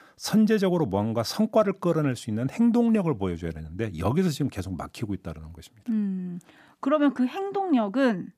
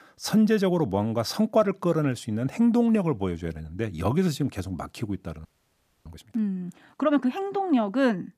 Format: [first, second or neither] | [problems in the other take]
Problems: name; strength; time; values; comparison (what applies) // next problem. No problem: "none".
first | audio freezing; at 5.5 s for 0.5 s